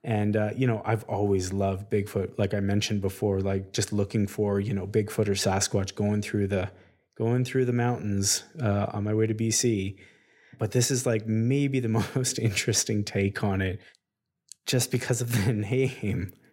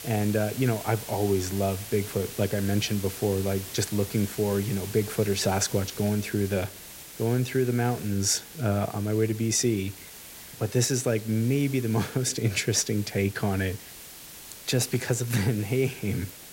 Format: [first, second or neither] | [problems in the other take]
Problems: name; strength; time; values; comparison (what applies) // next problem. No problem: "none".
first | hiss; noticeable; throughout; 15 dB below the speech